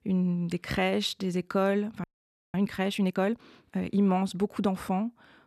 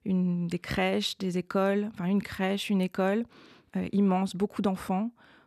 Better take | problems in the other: second | audio freezing; at 2 s for 0.5 s

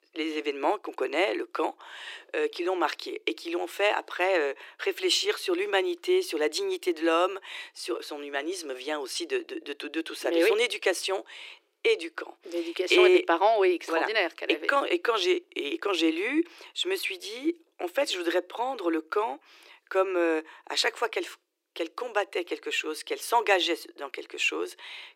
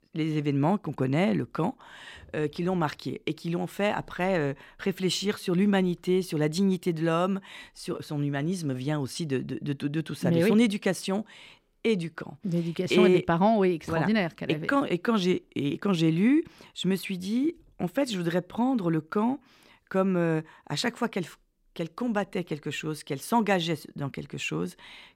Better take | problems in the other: second | thin; very; fading below 350 Hz

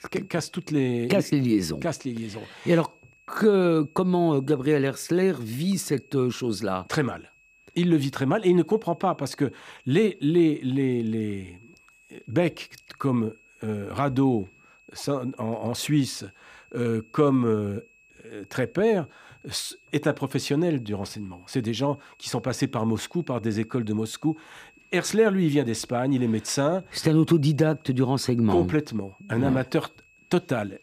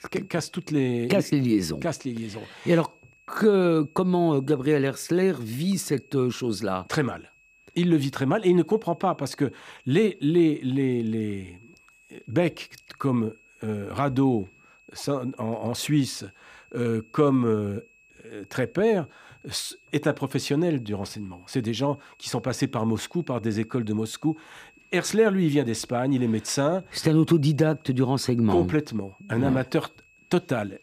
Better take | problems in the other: neither | high-pitched whine; faint; throughout; 2.5 kHz, 30 dB below the speech; the same in both

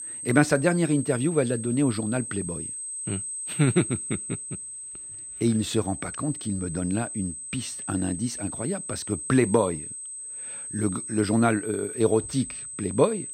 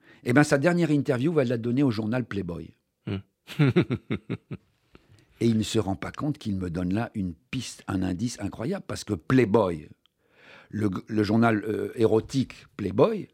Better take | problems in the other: second | high-pitched whine; loud; throughout; 8 kHz, 7 dB below the speech

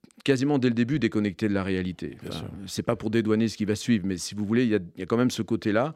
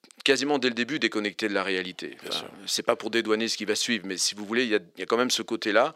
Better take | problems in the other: first | thin; somewhat; fading below 450 Hz

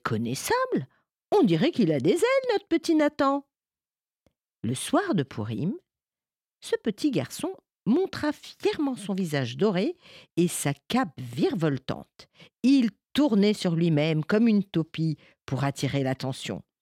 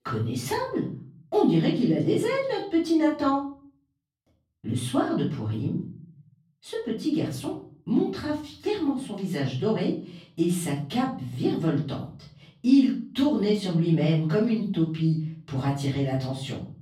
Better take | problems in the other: first | off-mic speech; far // room echo; slight; dies away in 0.6 s

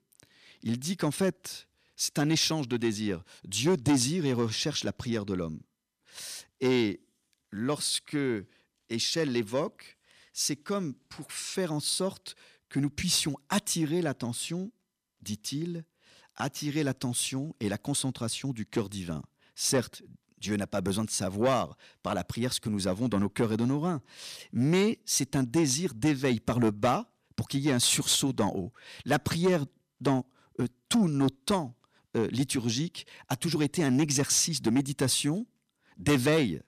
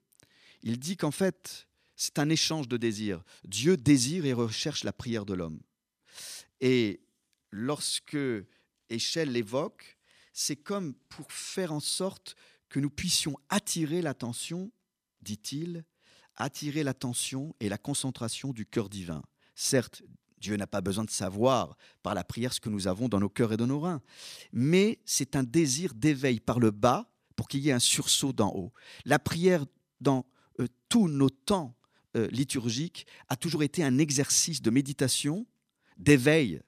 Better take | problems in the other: second | distortion; slight; 10 dB below the speech

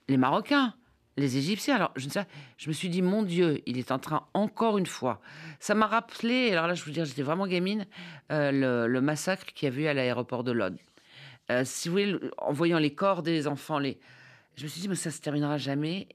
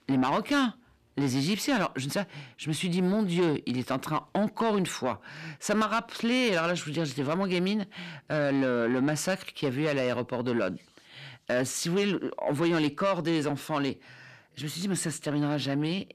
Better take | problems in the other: first | distortion; slight; 10 dB below the speech

